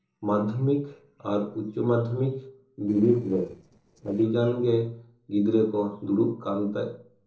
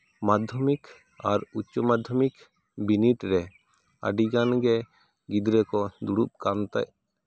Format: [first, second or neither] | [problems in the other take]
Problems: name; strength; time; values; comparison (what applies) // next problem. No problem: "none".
second | noise reduction (neural separator model SepFormer DNS4)